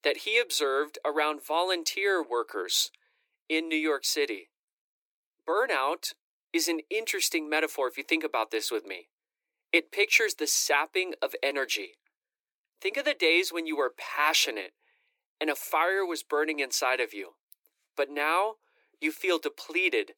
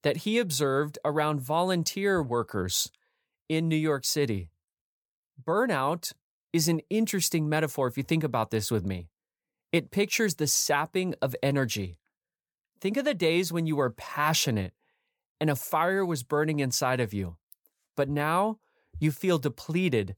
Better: second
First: thin; very; fading below 300 Hz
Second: none

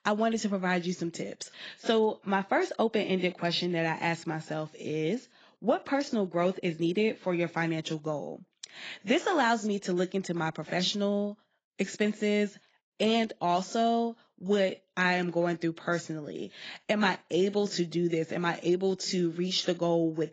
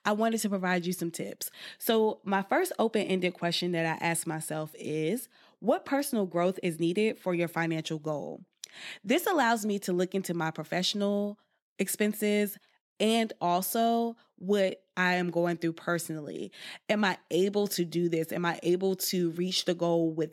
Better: second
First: garbled, watery; badly; nothing above 7.5 kHz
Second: none

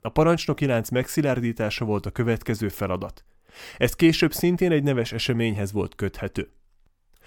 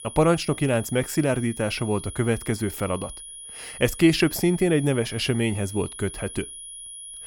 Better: first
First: none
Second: high-pitched whine; noticeable; throughout; 10.5 kHz, 15 dB below the speech

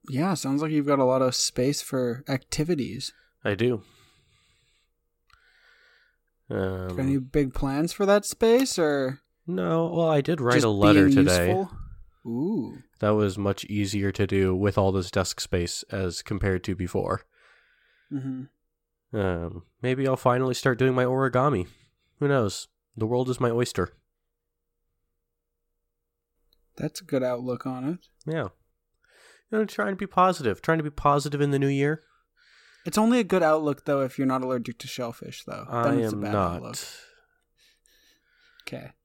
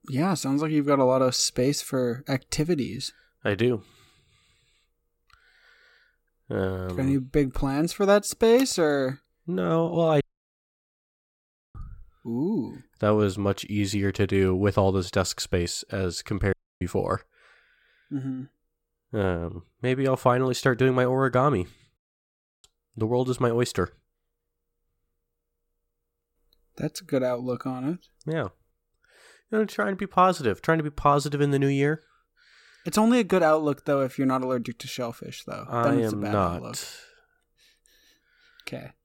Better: first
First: none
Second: audio cutting out; at 10 s for 1.5 s, at 17 s and at 22 s for 0.5 s

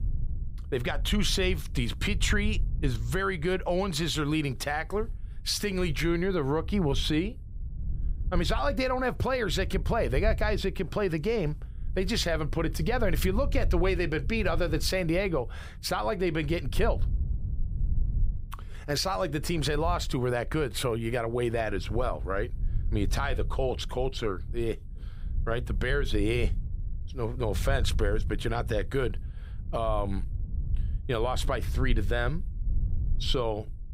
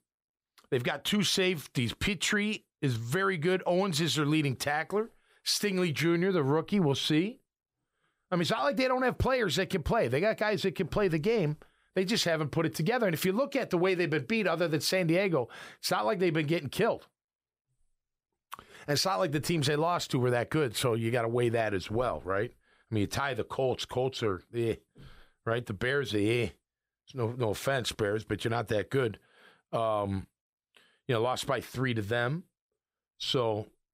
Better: second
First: low rumble; faint; throughout; 20 dB below the speech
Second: none

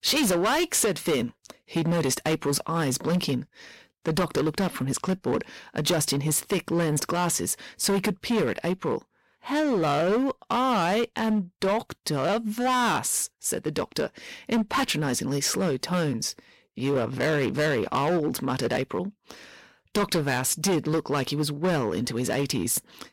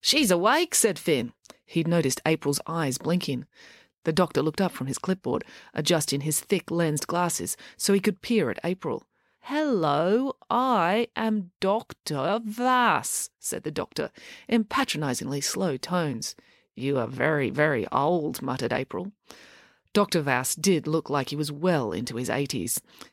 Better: second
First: distortion; heavy; 13% of the sound clipped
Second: none

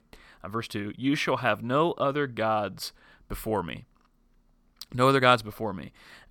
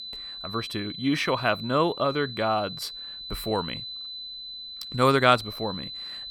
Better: first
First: none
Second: high-pitched whine; loud; throughout; 4 kHz, 10 dB below the speech

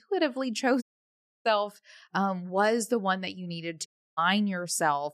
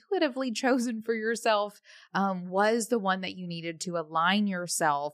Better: second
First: audio cutting out; at 1 s for 0.5 s and at 4 s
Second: none

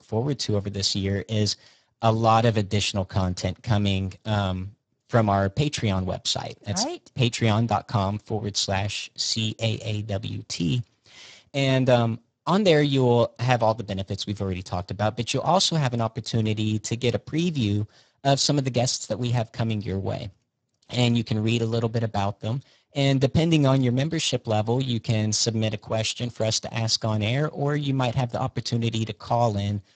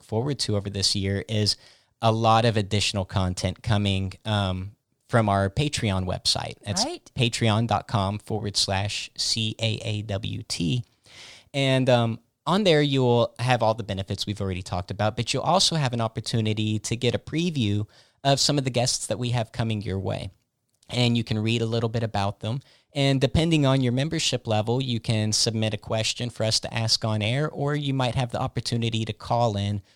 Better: second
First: garbled, watery; badly; nothing above 7.5 kHz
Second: none

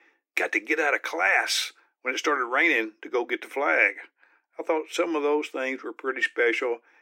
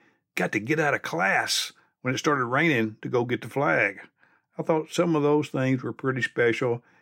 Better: second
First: thin; somewhat; fading below 300 Hz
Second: none

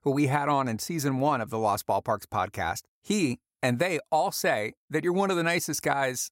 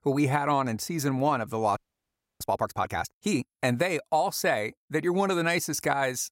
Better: first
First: none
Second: audio freezing; at 2 s for 0.5 s

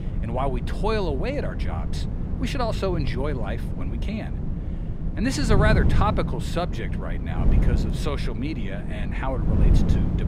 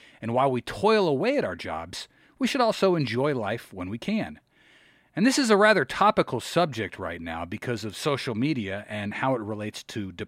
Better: second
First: wind noise on the microphone; heavy; 8 dB below the speech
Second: none

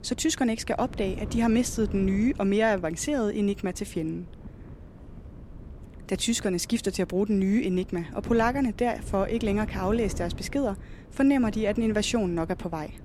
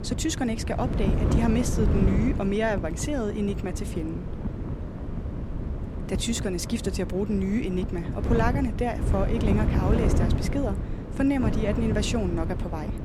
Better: first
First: wind noise on the microphone; occasional gusts; 20 dB below the speech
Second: wind noise on the microphone; heavy; 6 dB below the speech

